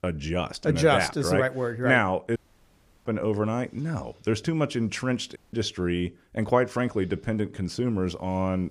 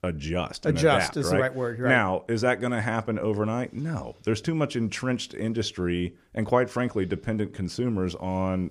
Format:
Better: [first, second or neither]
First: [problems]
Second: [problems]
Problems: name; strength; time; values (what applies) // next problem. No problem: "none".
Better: second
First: audio cutting out; at 2.5 s for 0.5 s and at 5.5 s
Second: none